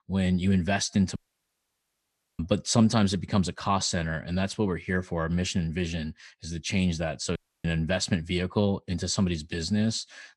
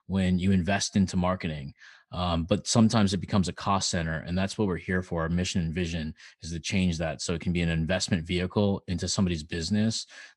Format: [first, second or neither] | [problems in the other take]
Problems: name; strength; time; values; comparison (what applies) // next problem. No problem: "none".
second | audio cutting out; at 1 s for 1 s and at 7.5 s